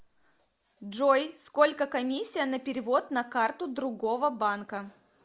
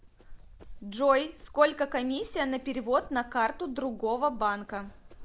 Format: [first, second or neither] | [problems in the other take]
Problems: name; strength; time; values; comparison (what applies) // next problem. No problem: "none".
first | background sound (Run); 17 dB below the speech